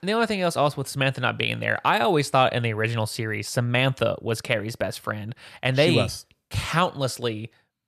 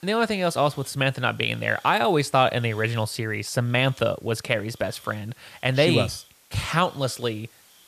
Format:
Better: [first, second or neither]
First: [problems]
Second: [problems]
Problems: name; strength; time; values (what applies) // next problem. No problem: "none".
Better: first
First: none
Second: hiss; faint; throughout; 25 dB below the speech